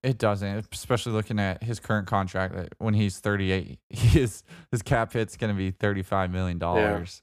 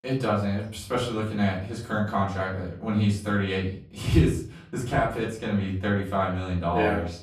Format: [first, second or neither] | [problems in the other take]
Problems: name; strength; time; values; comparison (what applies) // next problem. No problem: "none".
first | room echo; slight; dies away in 0.4 s // off-mic speech; far